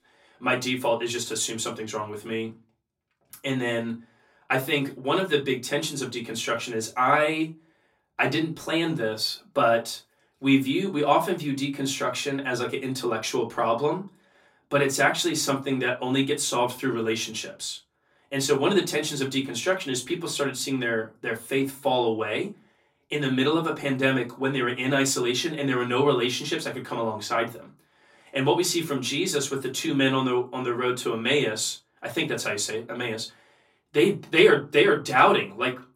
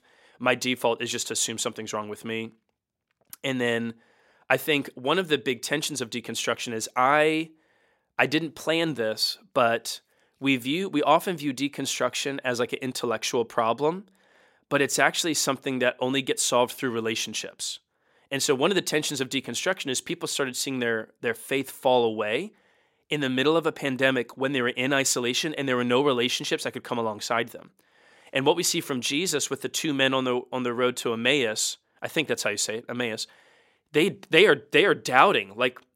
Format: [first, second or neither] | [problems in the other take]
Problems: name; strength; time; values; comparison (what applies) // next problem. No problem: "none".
second | off-mic speech; far // room echo; very slight; dies away in 0.2 s